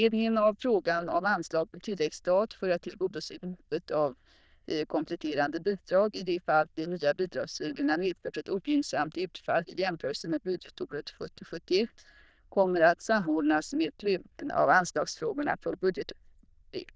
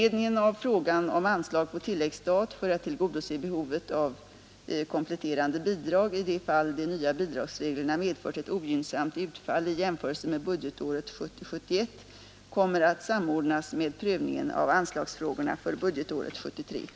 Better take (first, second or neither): second